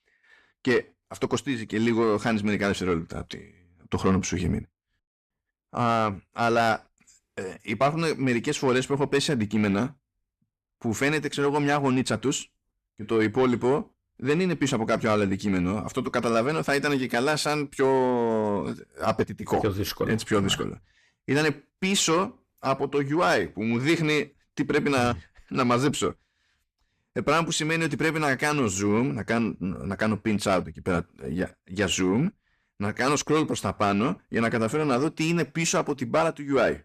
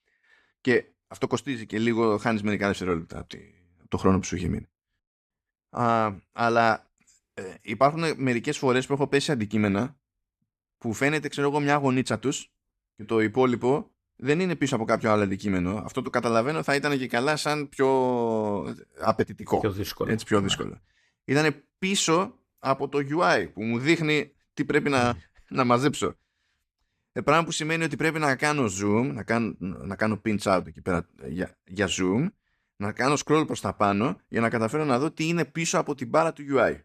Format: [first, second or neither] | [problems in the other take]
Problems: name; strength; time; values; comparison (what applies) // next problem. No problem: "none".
second | distortion; slight; 10 dB below the speech